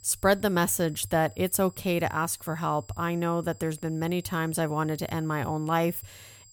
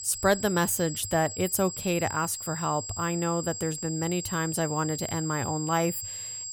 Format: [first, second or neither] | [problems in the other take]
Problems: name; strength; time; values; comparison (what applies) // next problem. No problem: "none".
first | high-pitched whine; loud; throughout; 7.5 kHz, 7 dB below the speech; faint in the first